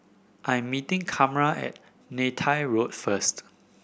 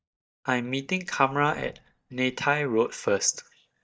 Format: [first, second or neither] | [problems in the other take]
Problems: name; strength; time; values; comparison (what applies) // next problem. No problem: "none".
first | noise reduction (neural mask model DeepFilterNet 3)